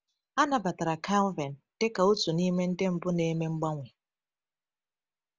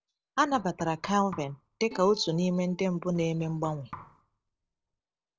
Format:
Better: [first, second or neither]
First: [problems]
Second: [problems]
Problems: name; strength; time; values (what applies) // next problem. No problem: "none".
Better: first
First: none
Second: noise reduction (neural separator model SepFormer DNS4)